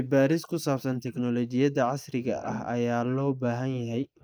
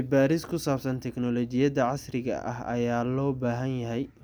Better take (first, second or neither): second